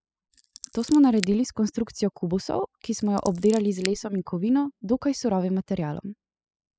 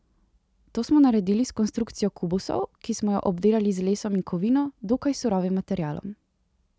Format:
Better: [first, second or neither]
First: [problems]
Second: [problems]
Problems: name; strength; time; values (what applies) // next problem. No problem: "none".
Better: second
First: noise reduction (classical method spectral subtraction)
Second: none